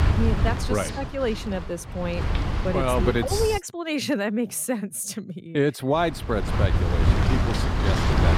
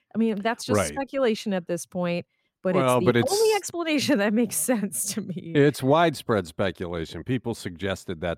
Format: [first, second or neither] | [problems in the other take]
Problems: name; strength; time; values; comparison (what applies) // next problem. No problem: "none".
second | wind noise on the microphone; heavy; until 3.5 s and from 6 s on; 4 dB below the speech